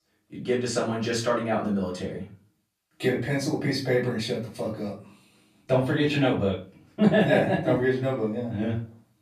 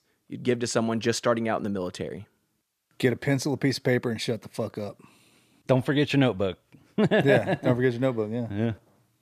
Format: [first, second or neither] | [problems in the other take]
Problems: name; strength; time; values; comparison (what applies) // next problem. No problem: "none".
second | room echo; slight; dies away in 0.3 s // off-mic speech; far